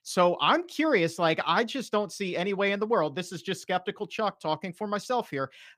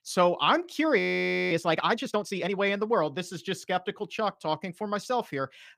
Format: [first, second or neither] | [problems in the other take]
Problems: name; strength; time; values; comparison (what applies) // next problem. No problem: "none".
first | audio freezing; at 1 s for 0.5 s